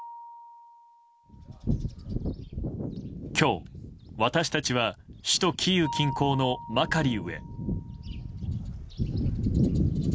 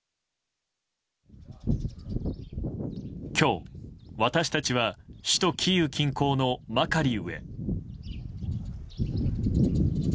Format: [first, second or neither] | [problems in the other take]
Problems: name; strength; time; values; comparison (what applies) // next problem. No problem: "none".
second | background sound (Mallet percussion); 17 dB below the speech